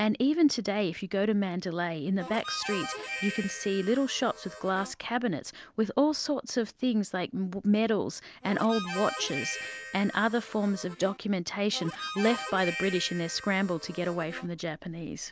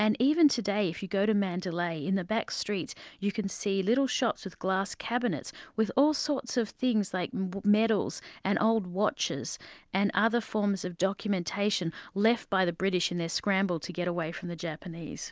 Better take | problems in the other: second | background sound (Harmonica); 10 dB below the speech

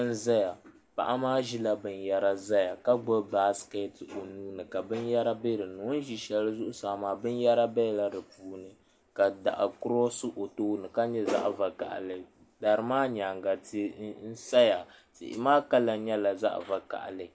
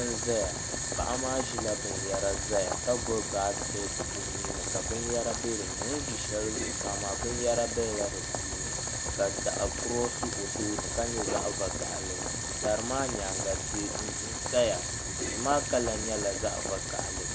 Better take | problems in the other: first | background sound (Boiling); 1 dB above the speech

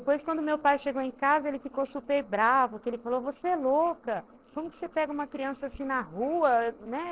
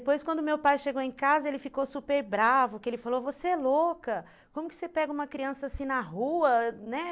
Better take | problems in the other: second | noise reduction (neural separator model SepFormer DNS4)

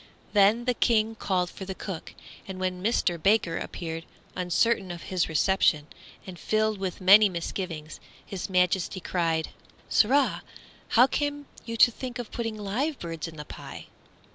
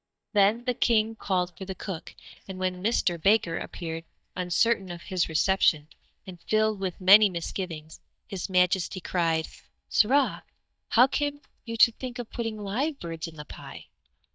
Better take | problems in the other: first | noise reduction (neural mask model DeepFilterNet 3)

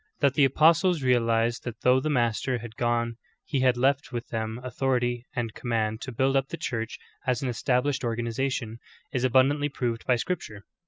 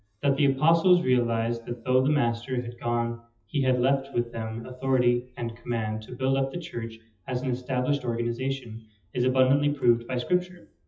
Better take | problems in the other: first | noise reduction (classical method WPE with log-MMSE)

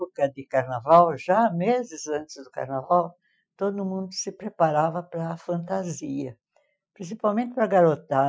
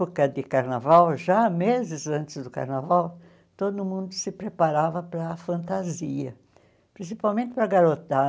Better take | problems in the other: second | noise reduction (classical method Wiener filter)

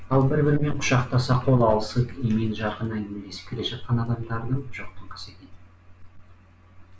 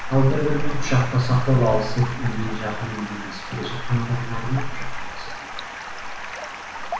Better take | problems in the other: first | background sound (Stream); 12 dB below the speech // room echo; dies away in 0.9 s

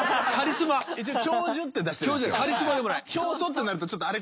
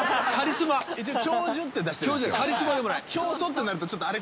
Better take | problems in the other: first | background sound (Water); 18 dB below the speech

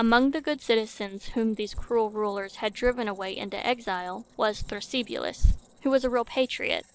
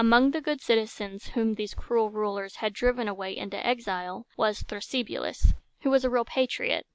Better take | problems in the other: second | noise reduction (neural separator model SepFormer DNS4)

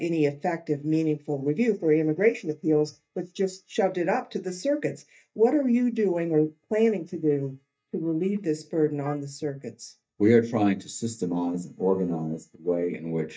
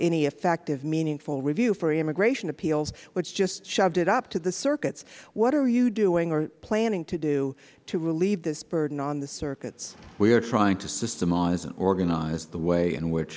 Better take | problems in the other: second | noise reduction (neural mask model DeepFilterNet 3)

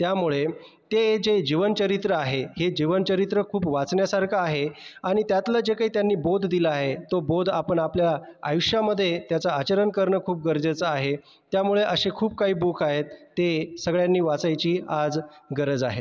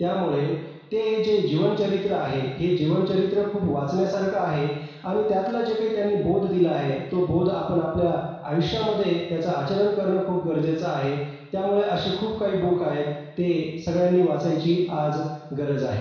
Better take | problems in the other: first | room echo; dies away in 1.1 s

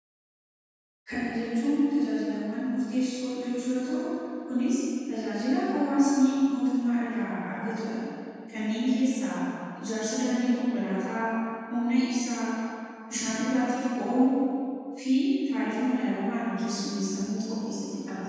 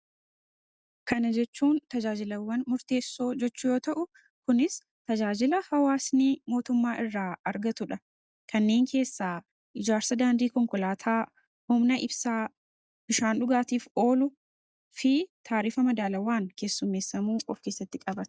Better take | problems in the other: second | room echo; dies away in 2.1 s

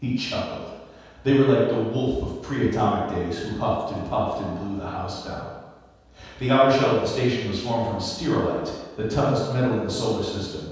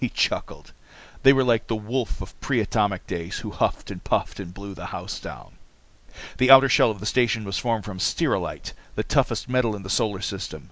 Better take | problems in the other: second | room echo; dies away in 1.2 s

